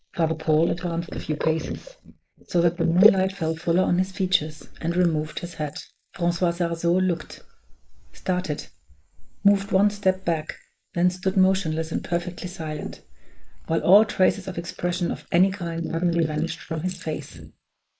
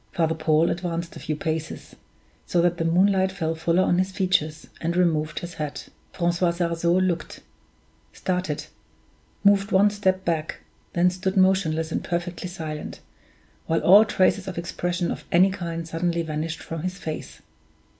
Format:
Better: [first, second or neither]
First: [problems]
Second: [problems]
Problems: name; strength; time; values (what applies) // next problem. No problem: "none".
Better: second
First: noise reduction (neural mask model Resemble Enhance denoiser)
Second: none